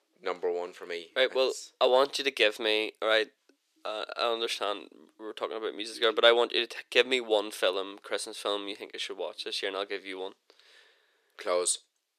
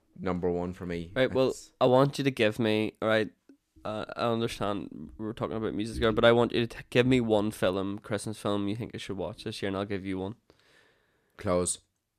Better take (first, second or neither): second